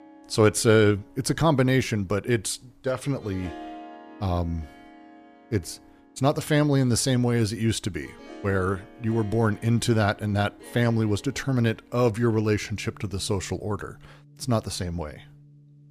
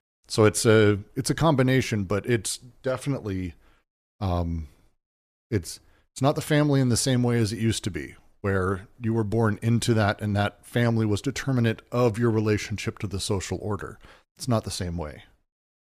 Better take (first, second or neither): second